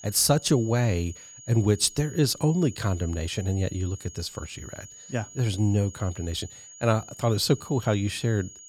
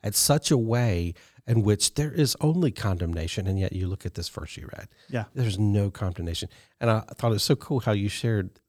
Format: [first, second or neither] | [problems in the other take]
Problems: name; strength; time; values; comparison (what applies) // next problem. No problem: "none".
second | high-pitched whine; noticeable; throughout; 7 kHz, 20 dB below the speech